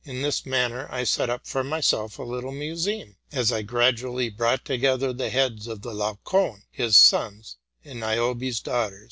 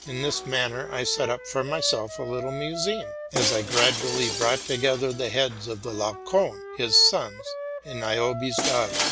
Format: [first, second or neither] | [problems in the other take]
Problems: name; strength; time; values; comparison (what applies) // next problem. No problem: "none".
first | background sound (Wind instrument, woodwind instrument + Shatter); 6 dB below the speech